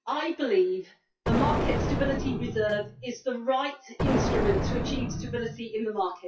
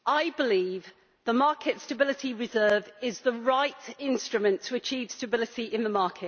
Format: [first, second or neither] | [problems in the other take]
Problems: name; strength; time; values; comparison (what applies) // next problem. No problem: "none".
second | noise reduction (classical method WPE with log-MMSE)